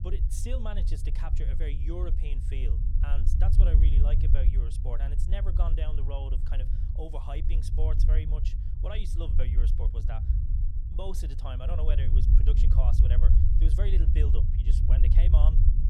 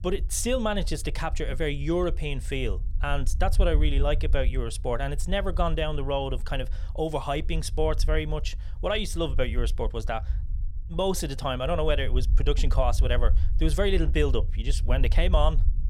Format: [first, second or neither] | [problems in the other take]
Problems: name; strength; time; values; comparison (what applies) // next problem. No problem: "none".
second | low rumble; loud; throughout; 3 dB below the speech; faint in the second